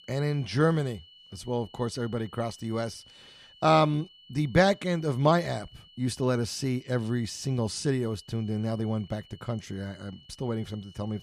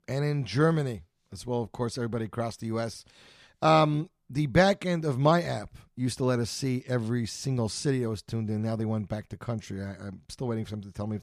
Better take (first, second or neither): second